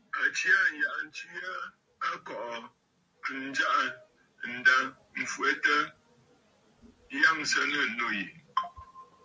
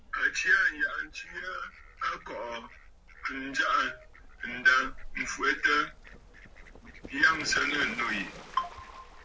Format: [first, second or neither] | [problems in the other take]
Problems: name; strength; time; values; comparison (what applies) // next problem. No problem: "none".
first | background sound (Fowl); 16 dB below the speech